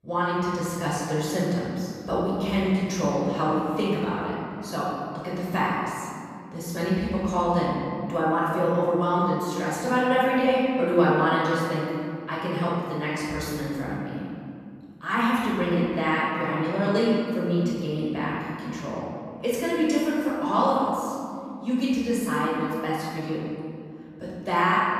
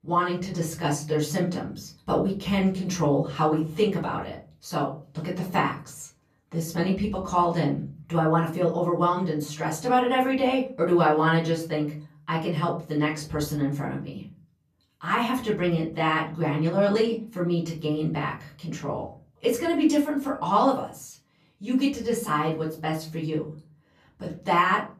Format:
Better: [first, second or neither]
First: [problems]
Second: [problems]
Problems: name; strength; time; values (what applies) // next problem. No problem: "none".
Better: second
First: room echo; strong; dies away in 2.3 s // off-mic speech; far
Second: room echo; slight; dies away in 0.4 s // off-mic speech; far